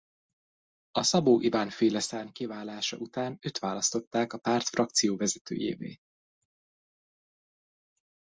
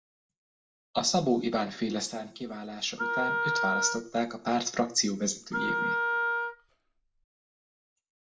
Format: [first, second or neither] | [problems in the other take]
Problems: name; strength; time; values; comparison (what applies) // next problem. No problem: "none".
first | background sound (Wind instrument, woodwind instrument); 1 dB above the speech // room echo; dies away in 0.4 s